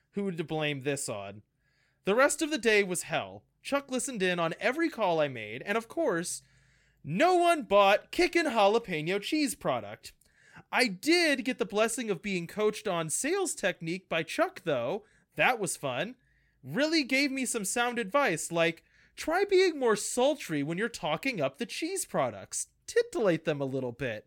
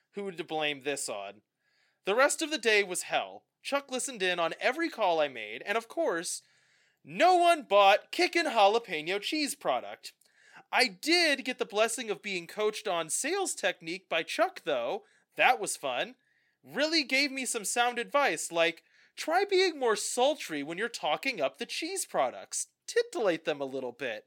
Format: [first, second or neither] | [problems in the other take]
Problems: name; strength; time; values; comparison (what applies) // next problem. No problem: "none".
first | thin; very slightly; fading below 300 Hz